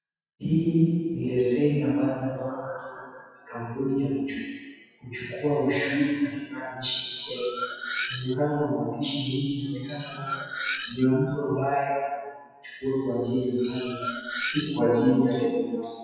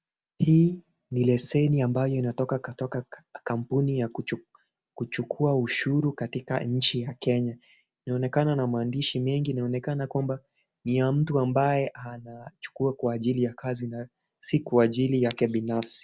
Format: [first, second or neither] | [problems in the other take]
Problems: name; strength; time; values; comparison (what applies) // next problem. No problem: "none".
second | noise reduction (classical method WPE with log-MMSE)